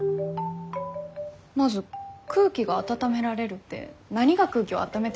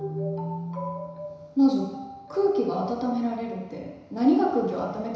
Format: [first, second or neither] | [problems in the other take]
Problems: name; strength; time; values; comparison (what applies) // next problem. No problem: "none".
first | room echo; dies away in 1 s